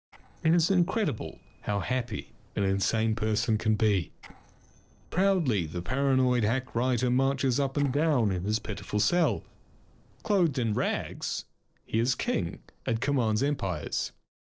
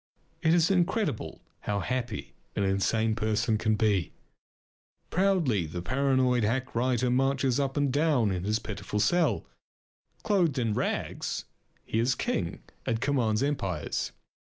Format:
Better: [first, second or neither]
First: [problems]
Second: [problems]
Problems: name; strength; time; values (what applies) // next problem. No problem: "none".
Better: second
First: noise reduction (neural separator model SepFormer DNS4)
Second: none